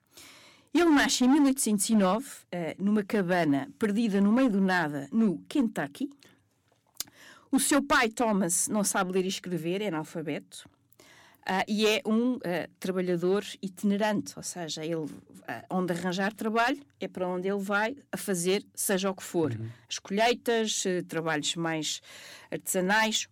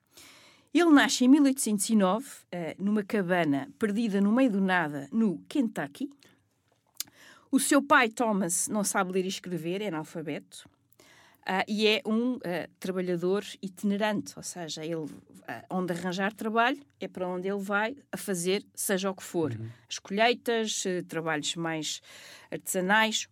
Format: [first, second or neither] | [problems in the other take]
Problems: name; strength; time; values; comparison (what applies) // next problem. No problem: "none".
second | distortion; slight; 3% of the sound clipped